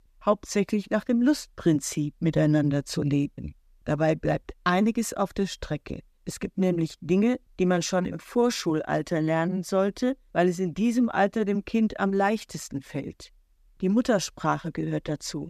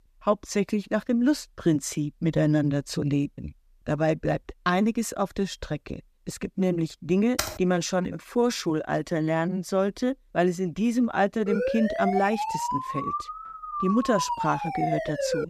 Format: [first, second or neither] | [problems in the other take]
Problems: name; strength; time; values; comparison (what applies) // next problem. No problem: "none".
first | keyboard typing; noticeable; at 7.5 s; peak 4 dB below the speech // siren; noticeable; from 11 s on; peak 2 dB below the speech